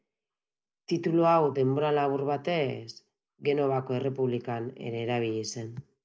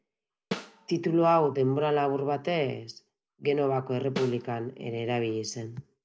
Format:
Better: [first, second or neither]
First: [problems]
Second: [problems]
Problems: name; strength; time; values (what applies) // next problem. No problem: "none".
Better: first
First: none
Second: background sound (Snare drum); 12 dB below the speech